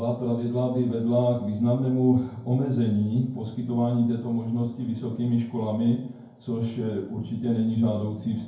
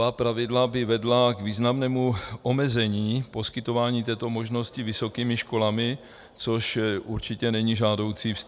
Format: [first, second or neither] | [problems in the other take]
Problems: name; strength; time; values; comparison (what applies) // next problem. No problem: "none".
second | room echo; dies away in 0.9 s